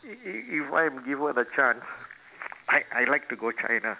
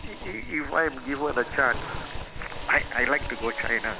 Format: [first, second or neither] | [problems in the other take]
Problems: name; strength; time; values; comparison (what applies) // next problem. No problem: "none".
first | background sound (Drill + Domestic sounds, home sounds); 8 dB below the speech